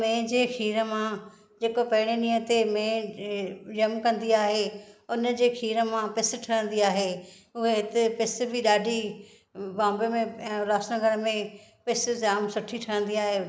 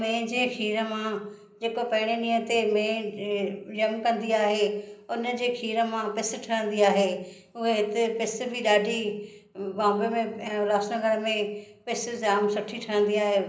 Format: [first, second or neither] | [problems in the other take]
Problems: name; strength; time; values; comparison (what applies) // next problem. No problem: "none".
first | room echo; dies away in 0.5 s